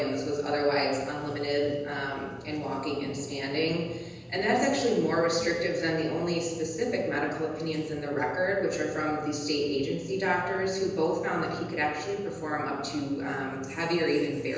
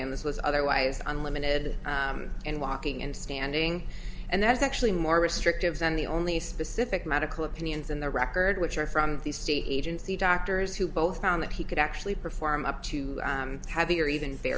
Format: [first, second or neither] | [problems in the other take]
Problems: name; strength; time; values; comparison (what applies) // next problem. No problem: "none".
second | room echo; dies away in 1.1 s